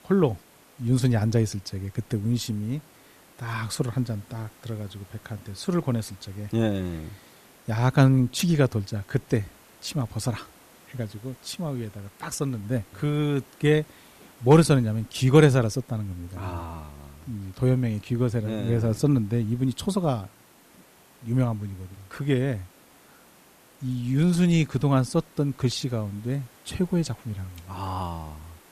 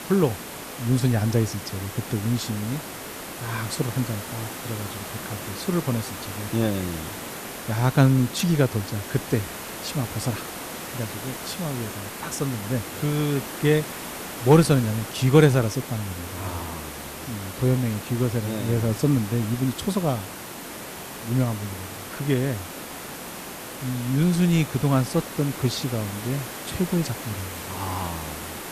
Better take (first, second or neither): first